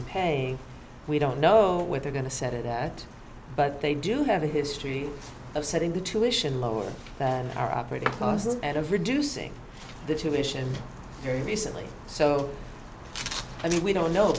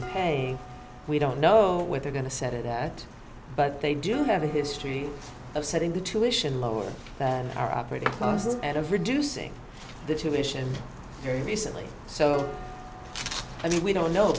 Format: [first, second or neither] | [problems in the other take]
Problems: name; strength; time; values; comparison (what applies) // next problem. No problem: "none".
first | background sound (Dishes, pots, and pans); 20 dB below the speech